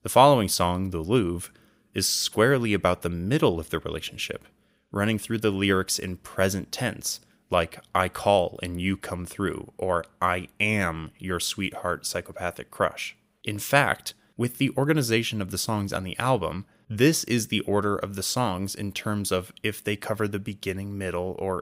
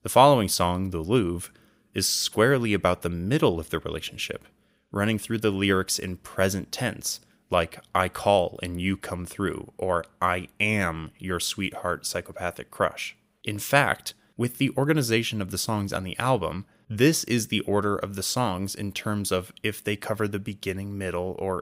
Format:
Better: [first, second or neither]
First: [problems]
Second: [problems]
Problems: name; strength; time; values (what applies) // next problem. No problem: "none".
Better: neither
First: none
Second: none